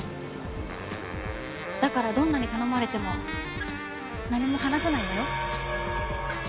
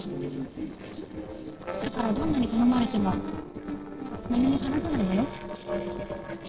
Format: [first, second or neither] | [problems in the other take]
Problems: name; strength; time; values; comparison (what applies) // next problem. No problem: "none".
first | noise reduction (neural separator model SepFormer DNS4)